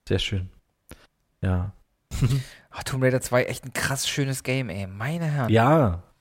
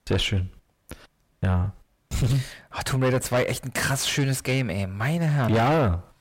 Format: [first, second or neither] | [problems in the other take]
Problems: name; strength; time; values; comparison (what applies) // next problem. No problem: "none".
first | distortion; heavy; 7 dB below the speech